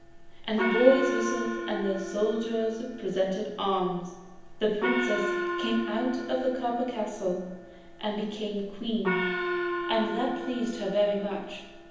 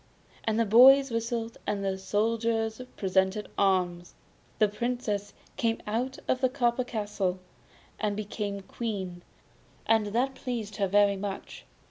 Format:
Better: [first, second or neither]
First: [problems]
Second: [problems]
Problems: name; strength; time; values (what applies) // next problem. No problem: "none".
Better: second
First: background sound (Gong); 5 dB below the speech // room echo; dies away in 0.9 s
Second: none